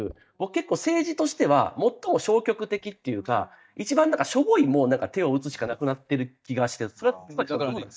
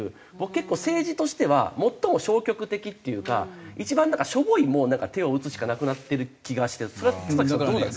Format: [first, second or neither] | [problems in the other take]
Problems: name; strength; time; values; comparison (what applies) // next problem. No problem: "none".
second | noise reduction (neural mask model DeepFilterNet 3)